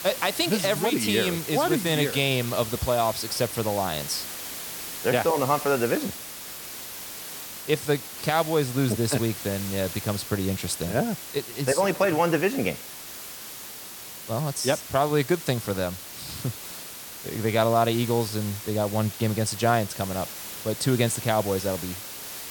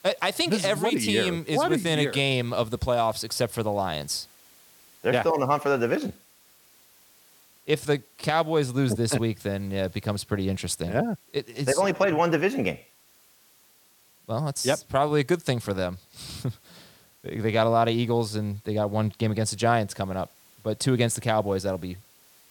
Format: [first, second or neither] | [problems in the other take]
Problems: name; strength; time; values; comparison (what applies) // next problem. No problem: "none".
second | hiss; loud; throughout; 9 dB below the speech; faint in the second